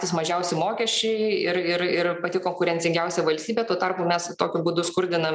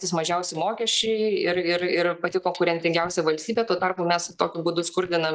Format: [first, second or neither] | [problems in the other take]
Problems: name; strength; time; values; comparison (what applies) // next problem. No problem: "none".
first | noise reduction (neural mask model DeepFilterNet 3)